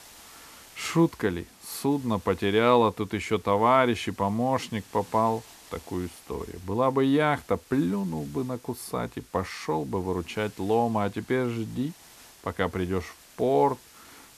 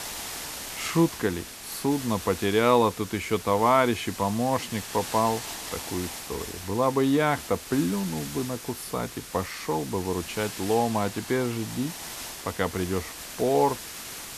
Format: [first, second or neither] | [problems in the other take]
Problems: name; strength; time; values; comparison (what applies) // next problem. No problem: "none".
first | hiss; loud; throughout; 10 dB below the speech; faint in the first